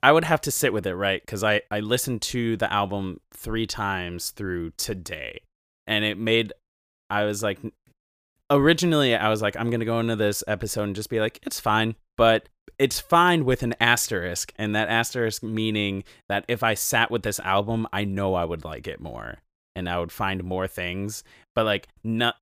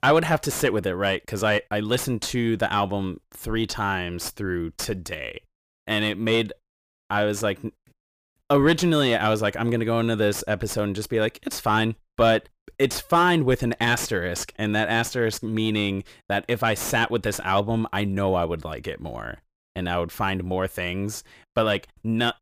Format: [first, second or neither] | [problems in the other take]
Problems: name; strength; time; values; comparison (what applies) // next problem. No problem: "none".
first | distortion; slight; 10 dB below the speech